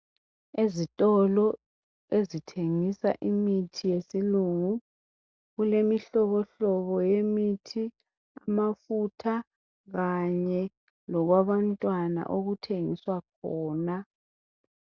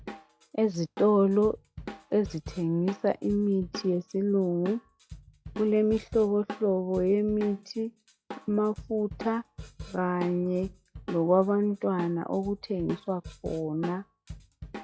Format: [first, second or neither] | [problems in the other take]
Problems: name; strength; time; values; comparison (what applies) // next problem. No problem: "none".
first | noise reduction (classical method log-MMSE)